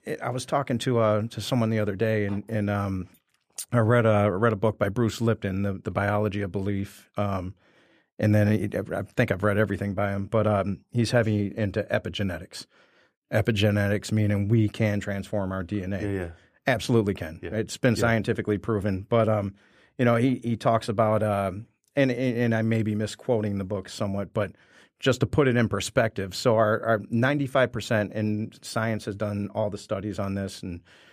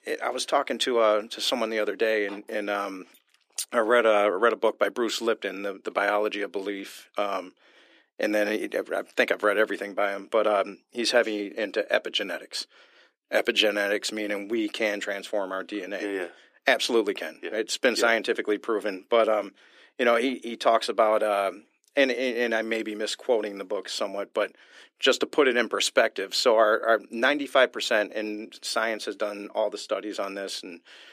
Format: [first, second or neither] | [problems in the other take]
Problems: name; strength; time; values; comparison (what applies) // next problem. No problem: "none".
first | thin; somewhat; fading below 300 Hz